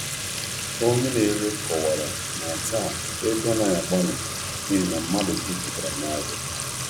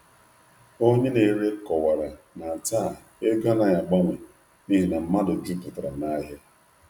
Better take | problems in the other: second | background sound (Fill (with liquid) / Trickle, dribble / Sink (filling or washing)); 3 dB below the speech

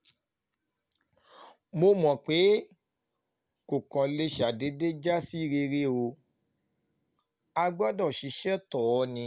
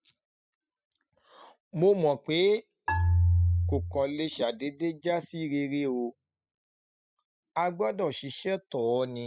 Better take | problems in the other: first | noise reduction (classical method spectral subtraction)

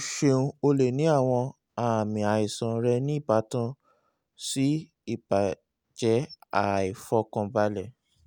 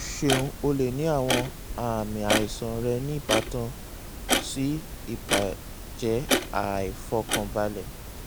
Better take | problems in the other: first | background sound (Clock); 2 dB below the speech

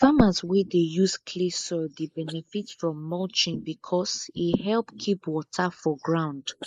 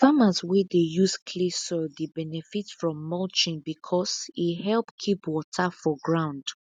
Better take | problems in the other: second | noise reduction (neural mask model Resemble Enhance denoiser)

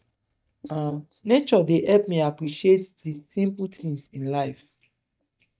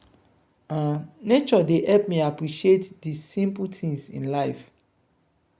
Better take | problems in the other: second | noise reduction (neural mask model DeepFilterNet 3)

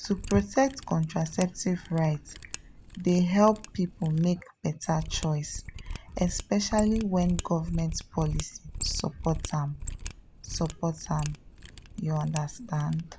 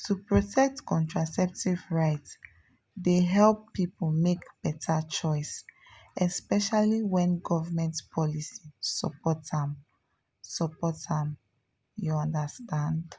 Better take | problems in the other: second | background sound (Mechanisms); 11 dB below the speech

